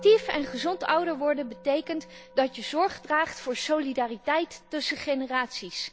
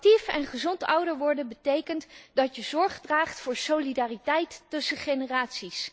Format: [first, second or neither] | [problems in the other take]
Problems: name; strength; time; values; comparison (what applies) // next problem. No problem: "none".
second | background sound (Musical instrument); 20 dB below the speech